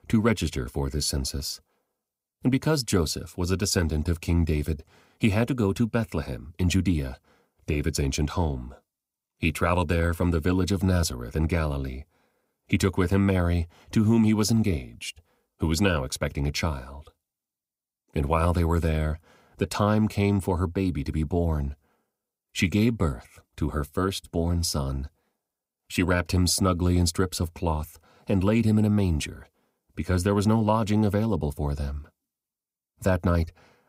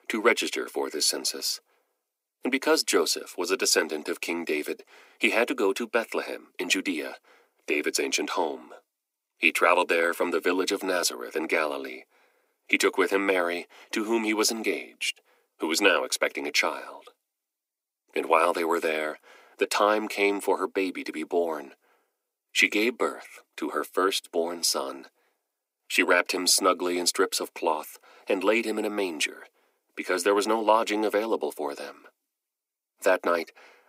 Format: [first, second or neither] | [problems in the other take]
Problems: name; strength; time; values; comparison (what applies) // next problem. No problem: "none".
first | thin; very; fading below 300 Hz